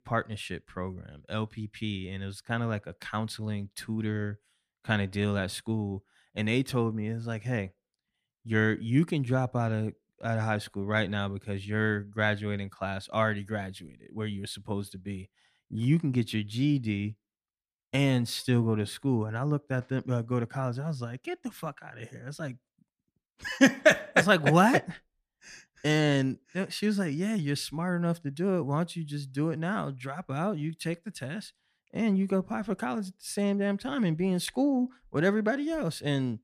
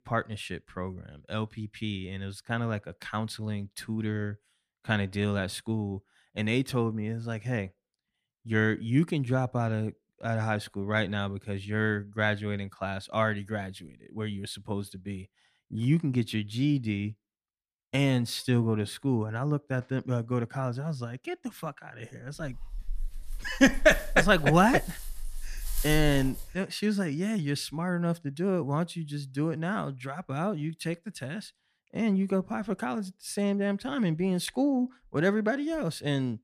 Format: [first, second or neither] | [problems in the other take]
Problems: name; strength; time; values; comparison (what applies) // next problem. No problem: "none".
first | dog barking; noticeable; from 22 to 26 s; peak 4 dB below the speech